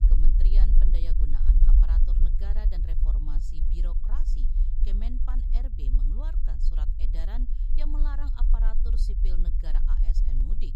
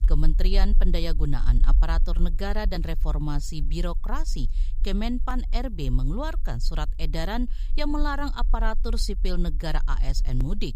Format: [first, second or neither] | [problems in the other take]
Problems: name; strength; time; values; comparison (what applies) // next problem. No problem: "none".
second | low rumble; loud; throughout; 3 dB below the speech; faint in the second